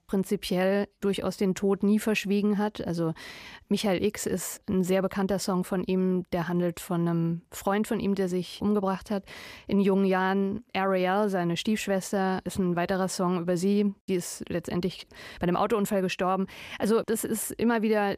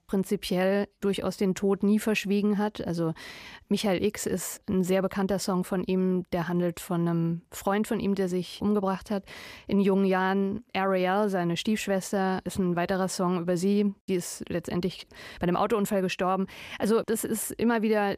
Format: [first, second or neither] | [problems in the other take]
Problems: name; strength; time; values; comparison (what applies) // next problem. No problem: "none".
neither | none